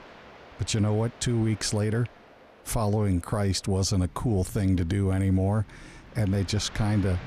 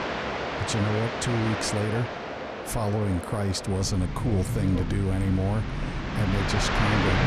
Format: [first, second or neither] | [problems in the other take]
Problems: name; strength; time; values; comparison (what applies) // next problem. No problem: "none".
first | train or aircraft noise; loud; throughout; 3 dB below the speech; faint in the first